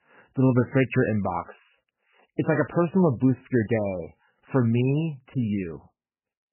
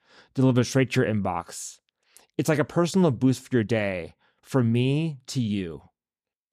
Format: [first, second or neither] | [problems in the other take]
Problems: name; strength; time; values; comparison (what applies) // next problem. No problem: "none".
second | garbled, watery; badly; nothing above 3 kHz